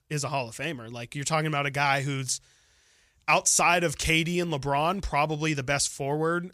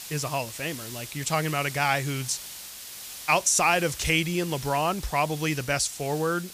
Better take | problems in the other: first | hiss; noticeable; throughout; 10 dB below the speech

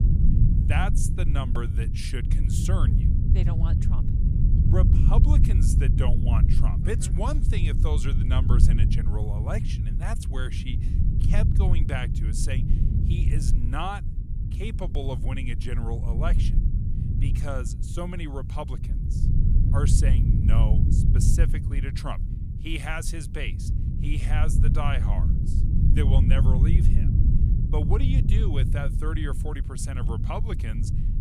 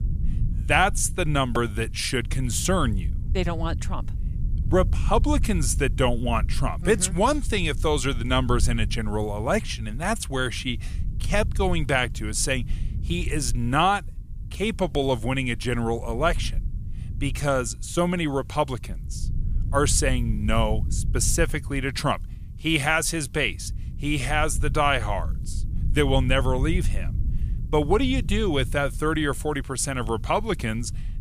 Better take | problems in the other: second | low rumble; loud; throughout; 3 dB below the speech; faint in the second

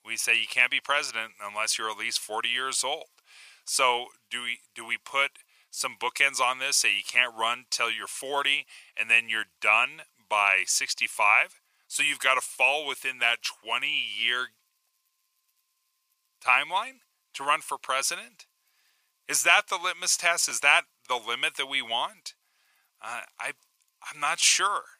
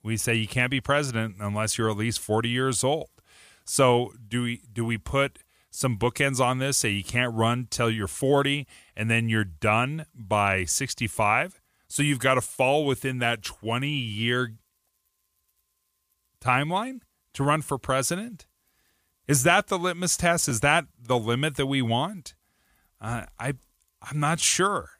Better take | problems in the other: second | thin; very; fading below 750 Hz

